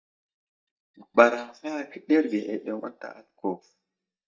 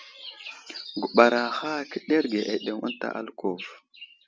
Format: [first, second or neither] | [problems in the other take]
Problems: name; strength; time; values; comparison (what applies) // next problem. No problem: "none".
second | noise reduction (neural mask model DeepFilterNet 3)